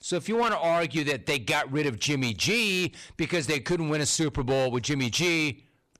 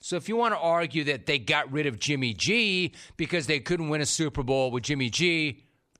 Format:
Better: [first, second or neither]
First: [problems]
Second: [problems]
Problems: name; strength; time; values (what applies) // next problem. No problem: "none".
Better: second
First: distortion; slight; 9% of the sound clipped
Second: none